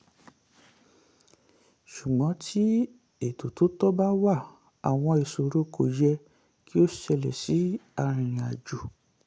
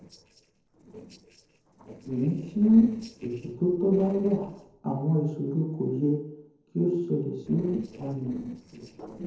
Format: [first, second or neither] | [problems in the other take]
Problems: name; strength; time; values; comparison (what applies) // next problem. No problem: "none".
first | noise reduction (neural separator model SepFormer DNS4)